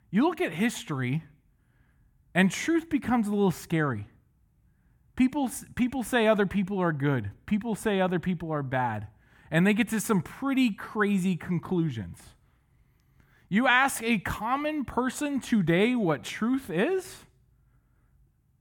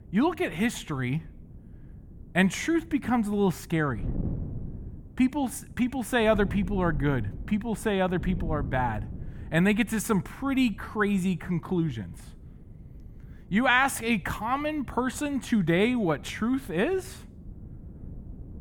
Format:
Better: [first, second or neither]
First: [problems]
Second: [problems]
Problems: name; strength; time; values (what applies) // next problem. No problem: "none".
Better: first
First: none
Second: wind noise on the microphone; occasional gusts; 25 dB below the speech